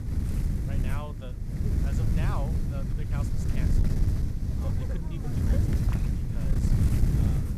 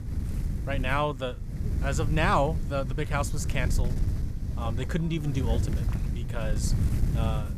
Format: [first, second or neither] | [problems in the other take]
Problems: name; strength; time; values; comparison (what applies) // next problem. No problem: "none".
second | wind noise on the microphone; heavy; 4 dB above the speech; occasional gusts in the second